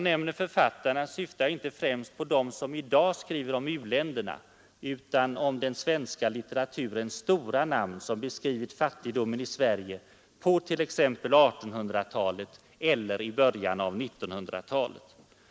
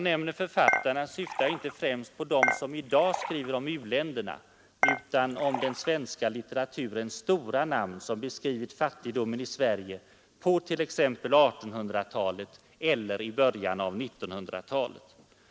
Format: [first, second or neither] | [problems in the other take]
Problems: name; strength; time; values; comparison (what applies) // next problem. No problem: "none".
first | background sound (Dishes, pots, and pans / Chink, clink); 3 dB below the speech